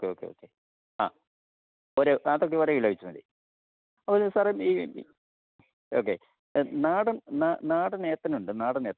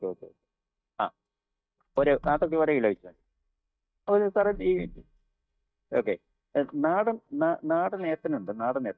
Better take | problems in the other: first | noise reduction (neural mask model DeepFilterNet 3)

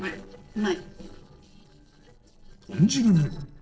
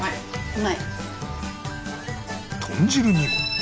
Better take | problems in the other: second | noise reduction (neural separator model SepFormer DNS4)

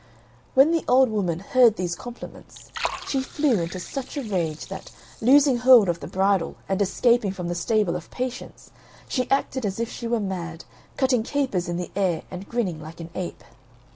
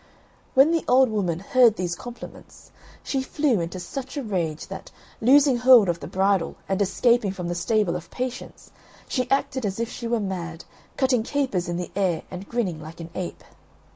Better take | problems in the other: second | background sound (Liquid); 20 dB below the speech

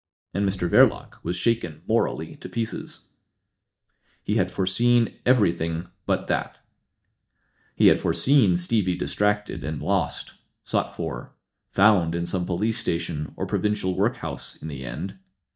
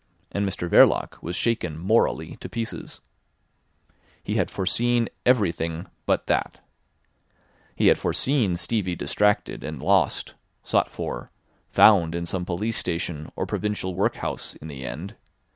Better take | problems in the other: second | noise reduction (neural mask model DeepFilterNet 3)

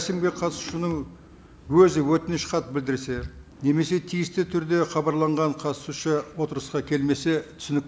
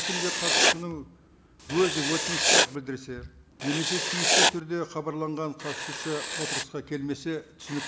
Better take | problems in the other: first | background sound (Writing); 4 dB above the speech

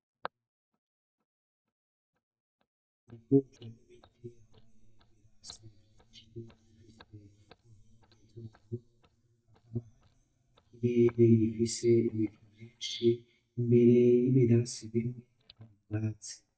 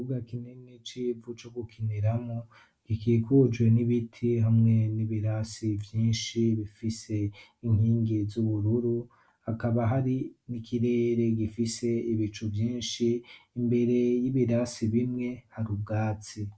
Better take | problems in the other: second | noise reduction (neural mask model DeepFilterNet 3)

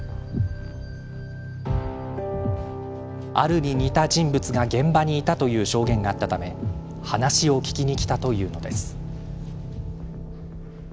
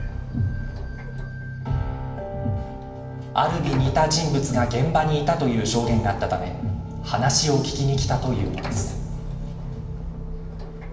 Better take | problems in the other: first | background sound (Sliding door); 20 dB below the speech // room echo; dies away in 0.9 s

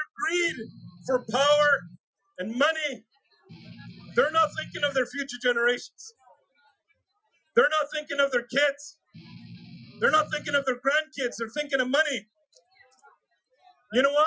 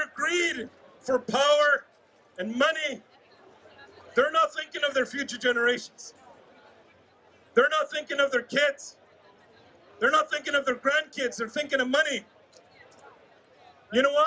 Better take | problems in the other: second | noise reduction (classical method Wiener filter)

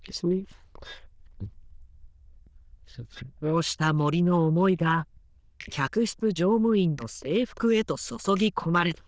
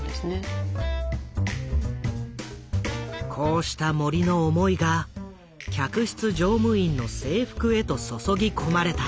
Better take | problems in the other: second | noise reduction (neural diffusion model UNIVERSE++)

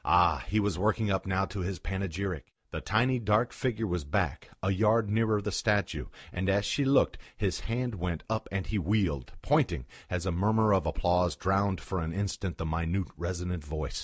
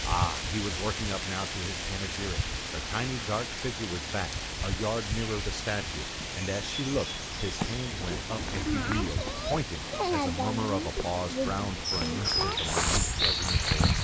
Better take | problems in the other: first | background sound (Bird vocalization, bird call, bird song); 3 dB above the speech

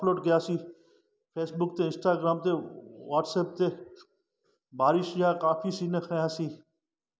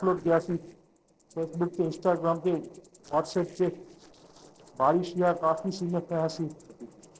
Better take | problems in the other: first | noise reduction (neural separator model SepFormer DNS4)

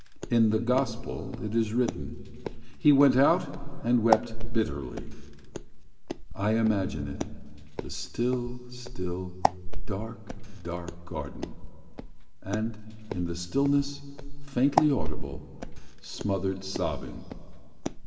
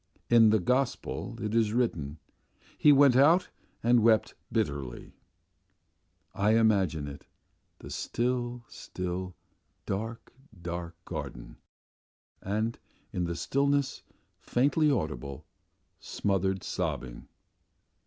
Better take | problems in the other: second | background sound (Walk, footsteps); as loud as the speech // room echo; dies away in 2 s

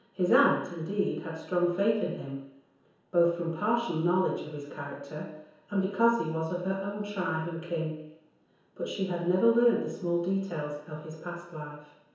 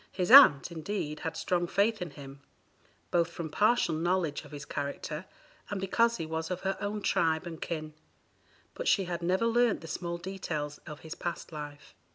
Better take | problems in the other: second | room echo; dies away in 1 s

